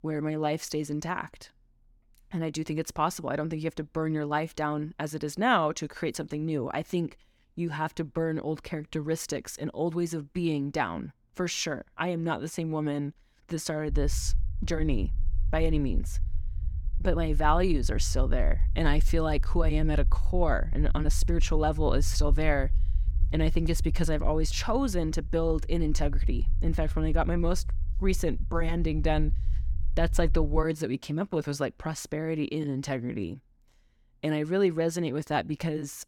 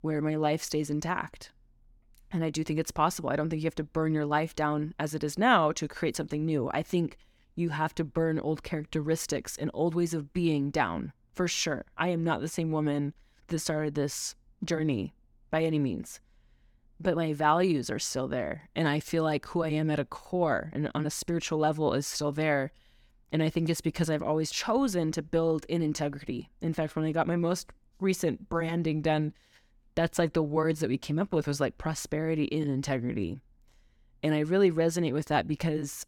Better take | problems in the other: second | low rumble; faint; from 14 to 31 s; 20 dB below the speech

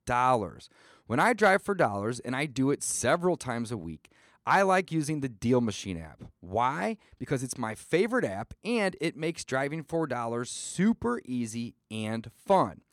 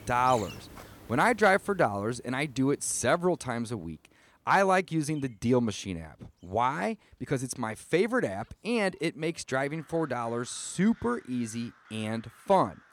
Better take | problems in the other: first | animal sounds; faint; throughout; 25 dB below the speech

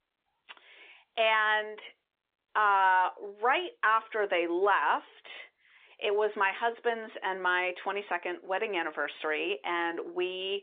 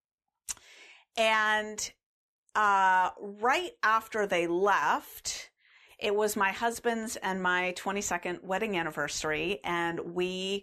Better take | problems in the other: second | phone-call audio; nothing above 3 kHz

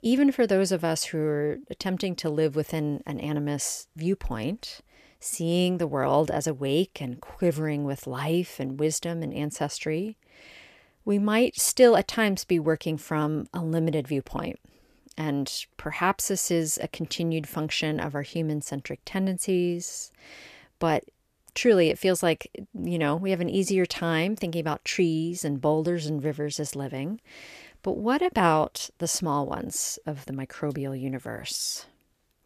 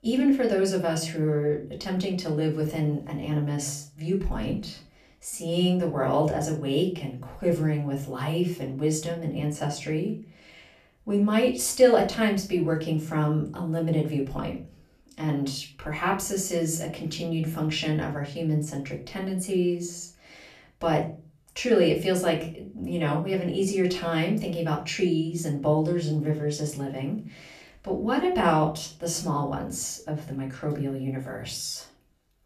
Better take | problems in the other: first | off-mic speech; far // room echo; slight; dies away in 0.4 s

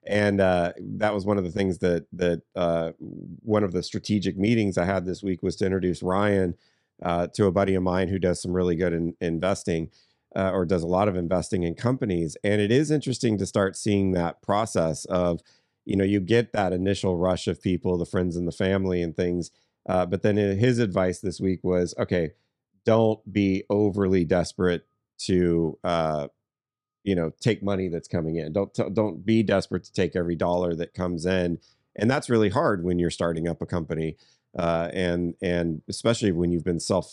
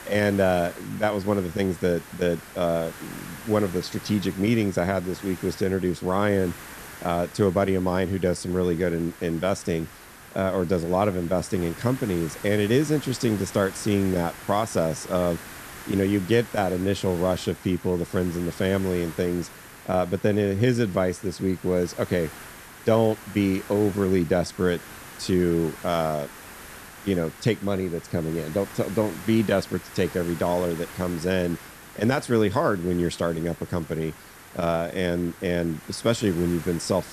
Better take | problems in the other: first | hiss; noticeable; throughout; 15 dB below the speech

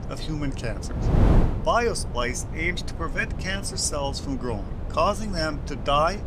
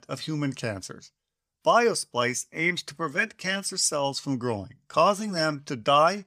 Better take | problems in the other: second | wind noise on the microphone; occasional gusts; 10 dB below the speech

